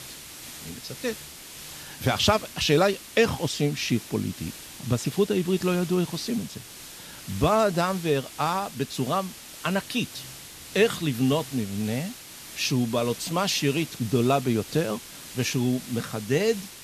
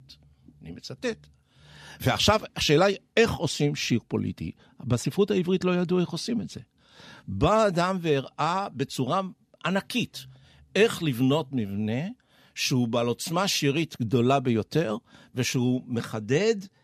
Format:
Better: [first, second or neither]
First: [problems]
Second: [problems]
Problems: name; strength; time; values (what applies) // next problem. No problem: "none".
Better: second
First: hiss; noticeable; throughout; 15 dB below the speech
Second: none